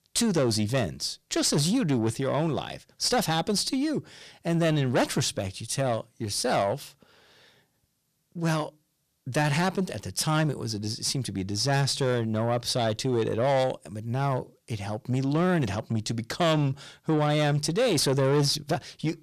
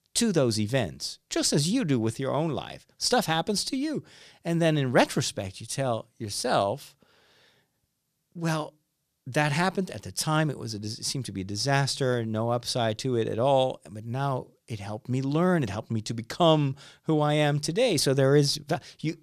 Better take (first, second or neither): second